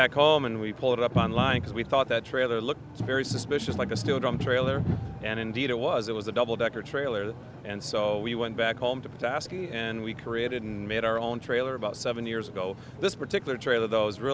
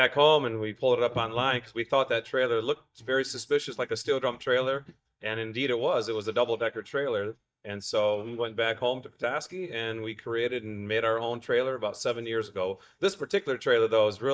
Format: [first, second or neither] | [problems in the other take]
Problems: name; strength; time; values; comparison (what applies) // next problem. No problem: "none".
first | noise reduction (neural mask model DeepFilterNet 3)